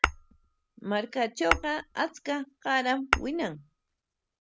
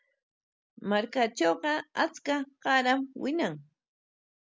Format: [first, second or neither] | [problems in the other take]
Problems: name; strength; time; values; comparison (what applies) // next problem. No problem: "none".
second | background sound (Tap / Glass); 2 dB below the speech